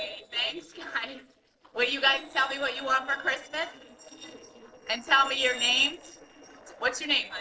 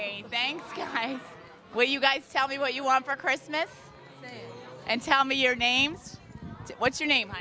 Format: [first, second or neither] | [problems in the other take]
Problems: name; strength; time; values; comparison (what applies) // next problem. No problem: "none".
second | noise reduction (neural separator model SepFormer DNS4)